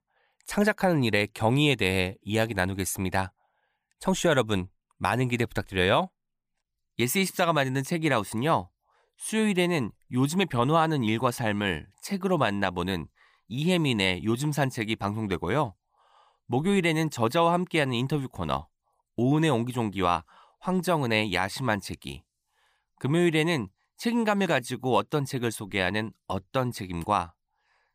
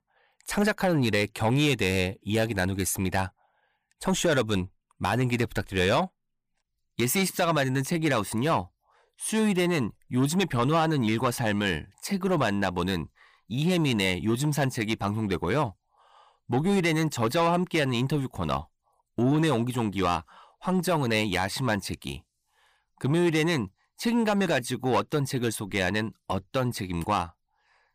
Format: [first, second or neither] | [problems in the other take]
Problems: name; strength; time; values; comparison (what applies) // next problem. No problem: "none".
first | distortion; slight; 10 dB below the speech